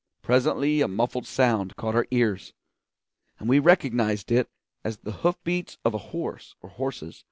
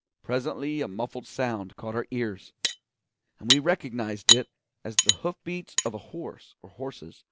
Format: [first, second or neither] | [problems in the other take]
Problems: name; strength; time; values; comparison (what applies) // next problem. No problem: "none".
first | background sound (Cutlery, silverware); 4 dB above the speech